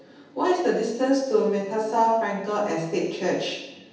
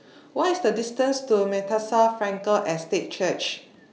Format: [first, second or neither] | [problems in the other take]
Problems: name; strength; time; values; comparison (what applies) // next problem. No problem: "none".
second | room echo; dies away in 0.9 s